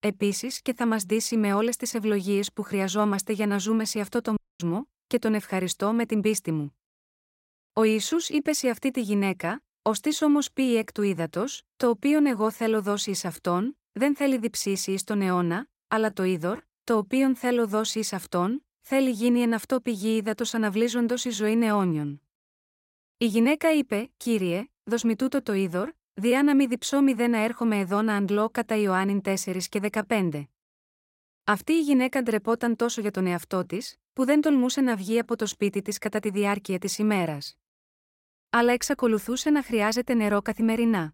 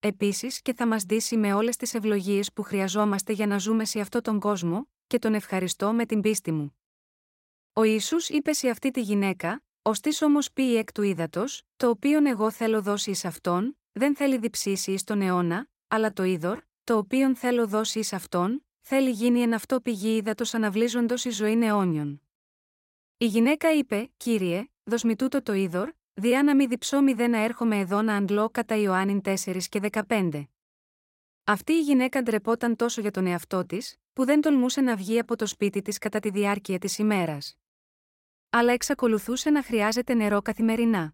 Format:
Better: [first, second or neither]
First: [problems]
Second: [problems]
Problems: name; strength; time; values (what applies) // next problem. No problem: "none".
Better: second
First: audio cutting out; at 4.5 s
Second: none